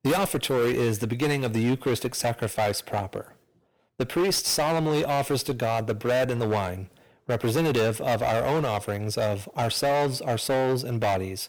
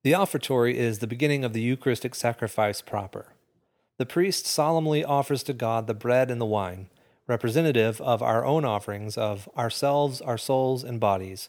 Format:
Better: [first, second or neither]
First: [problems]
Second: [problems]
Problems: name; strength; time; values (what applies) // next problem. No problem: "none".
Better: second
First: distortion; heavy; 16% of the sound clipped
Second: none